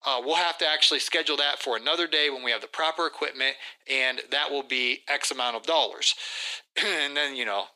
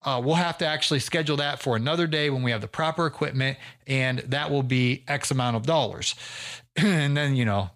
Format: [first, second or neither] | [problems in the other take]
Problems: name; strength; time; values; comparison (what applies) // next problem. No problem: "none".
second | thin; very; fading below 300 Hz